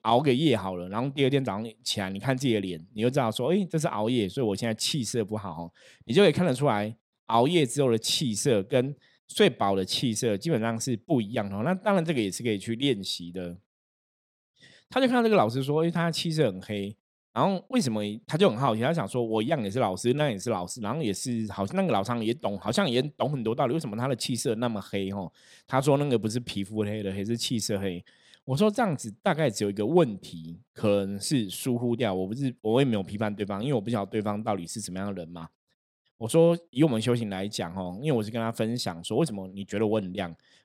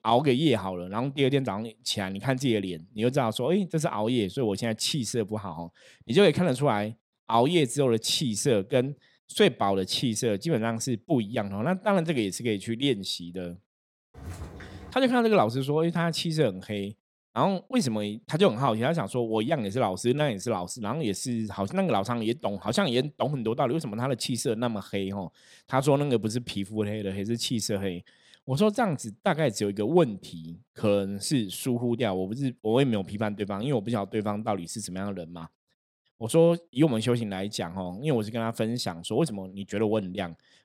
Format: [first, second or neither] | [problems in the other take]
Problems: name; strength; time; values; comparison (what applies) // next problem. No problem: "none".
first | footsteps; faint; at 14 s; peak 15 dB below the speech